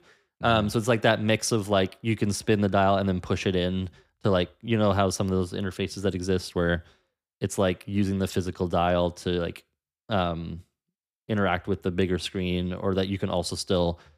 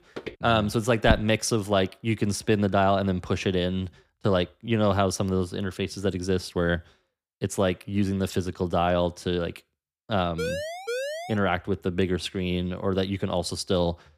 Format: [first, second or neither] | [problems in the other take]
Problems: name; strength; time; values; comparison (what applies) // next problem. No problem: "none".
first | footsteps; faint; at the start; peak 15 dB below the speech // footsteps; noticeable; at 1 s; peak 4 dB below the speech // siren; noticeable; at 10 s; peak 5 dB below the speech